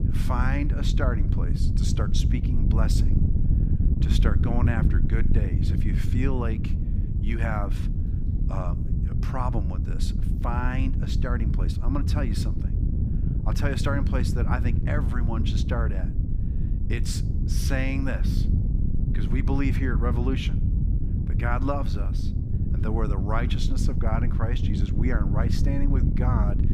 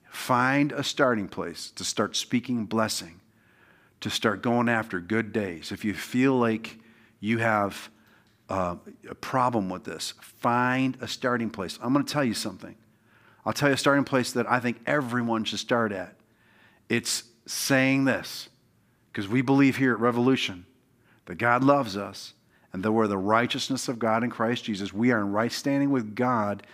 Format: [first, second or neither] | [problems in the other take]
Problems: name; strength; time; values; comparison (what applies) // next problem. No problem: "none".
second | wind noise on the microphone; heavy; 5 dB below the speech